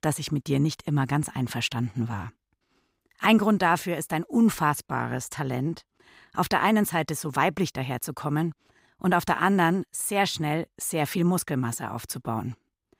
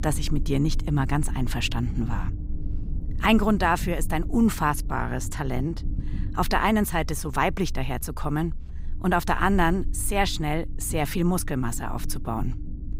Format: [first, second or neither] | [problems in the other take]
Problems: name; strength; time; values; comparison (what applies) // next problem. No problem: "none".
first | low rumble; faint; throughout; 20 dB below the speech